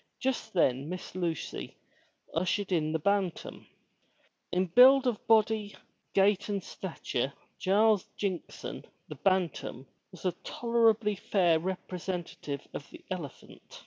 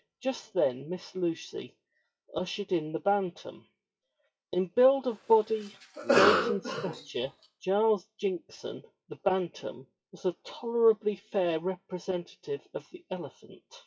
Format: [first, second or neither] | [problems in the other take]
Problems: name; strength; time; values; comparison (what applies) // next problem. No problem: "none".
first | noise reduction (classical method WPE with log-MMSE)